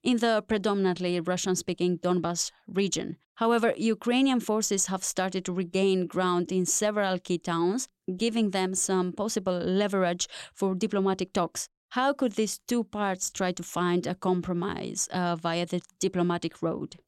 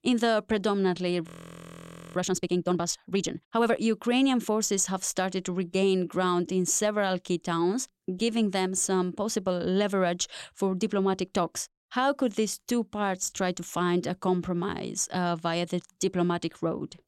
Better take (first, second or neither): first